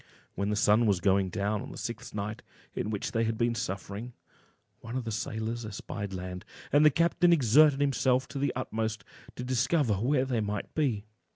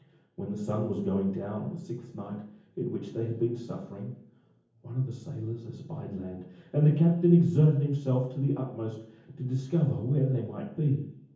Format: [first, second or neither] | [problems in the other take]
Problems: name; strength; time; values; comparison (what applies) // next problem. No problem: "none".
first | room echo; dies away in 0.7 s